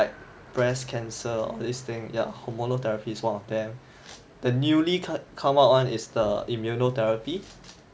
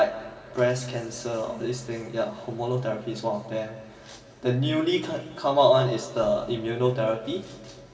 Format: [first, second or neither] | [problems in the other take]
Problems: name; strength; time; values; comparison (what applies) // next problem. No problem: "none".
first | room echo; dies away in 2.2 s